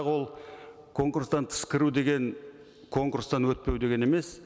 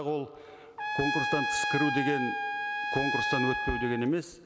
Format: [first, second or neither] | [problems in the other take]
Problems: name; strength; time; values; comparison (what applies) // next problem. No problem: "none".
first | background sound (Trumpet); 1 dB above the speech